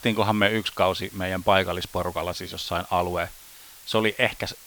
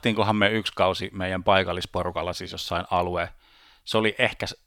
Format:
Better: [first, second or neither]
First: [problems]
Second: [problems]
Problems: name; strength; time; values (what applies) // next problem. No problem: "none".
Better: second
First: hiss; noticeable; throughout; 20 dB below the speech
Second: none